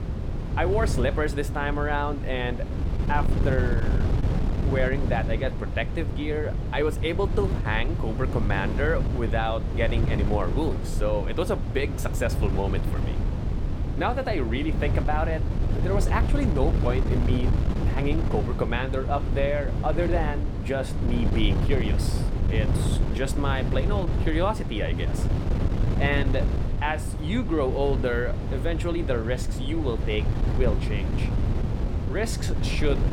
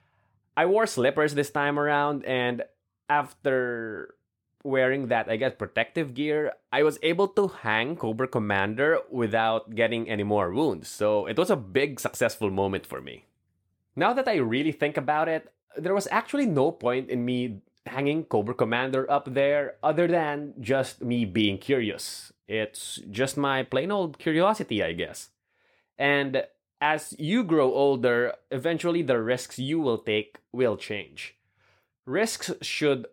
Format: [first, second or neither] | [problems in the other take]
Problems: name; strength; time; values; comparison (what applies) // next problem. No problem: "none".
second | wind noise on the microphone; heavy; 8 dB below the speech